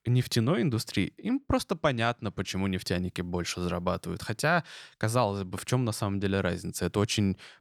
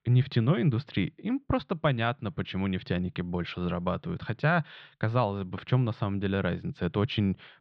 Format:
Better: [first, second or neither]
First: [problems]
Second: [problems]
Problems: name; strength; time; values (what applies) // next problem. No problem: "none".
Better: first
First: none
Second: muffled; slightly; fading above 3.5 kHz